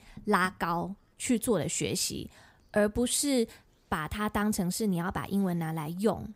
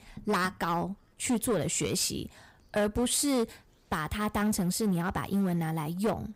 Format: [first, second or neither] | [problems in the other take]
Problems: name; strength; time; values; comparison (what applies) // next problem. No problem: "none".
first | distortion; slight; 9% of the sound clipped